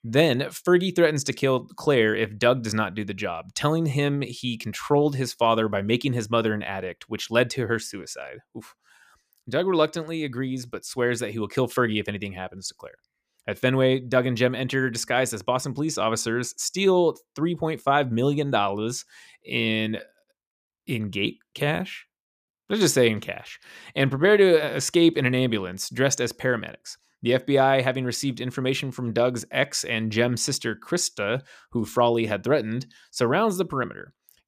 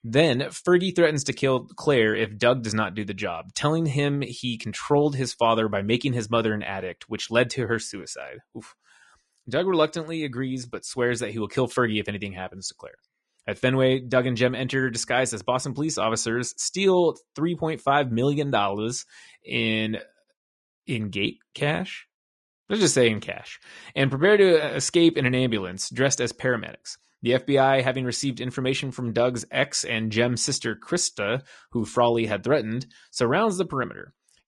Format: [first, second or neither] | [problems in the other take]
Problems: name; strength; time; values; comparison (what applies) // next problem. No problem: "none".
first | garbled, watery; slightly; nothing above 10 kHz